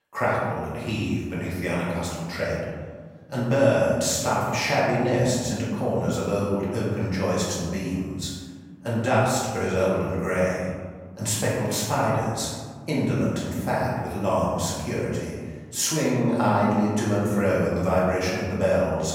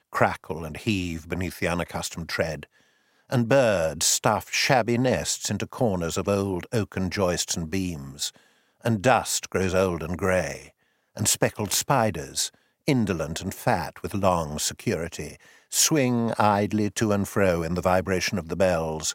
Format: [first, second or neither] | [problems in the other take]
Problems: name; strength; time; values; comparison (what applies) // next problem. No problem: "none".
second | room echo; strong; dies away in 1.6 s // off-mic speech; far